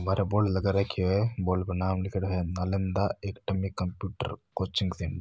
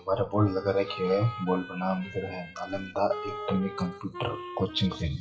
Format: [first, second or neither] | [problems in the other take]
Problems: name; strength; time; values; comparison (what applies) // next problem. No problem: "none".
first | noise reduction (classical method WPE with log-MMSE)